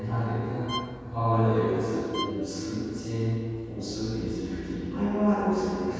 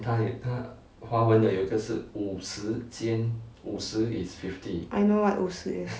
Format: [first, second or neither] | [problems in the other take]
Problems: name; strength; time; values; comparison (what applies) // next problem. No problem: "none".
second | background sound (Bowed string instrument); 12 dB below the speech // room echo; dies away in 2.1 s